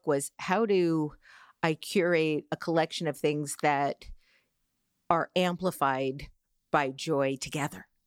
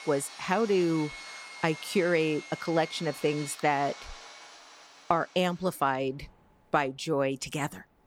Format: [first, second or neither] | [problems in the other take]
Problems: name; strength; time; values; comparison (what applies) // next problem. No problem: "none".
first | machinery noise; noticeable; throughout; 15 dB below the speech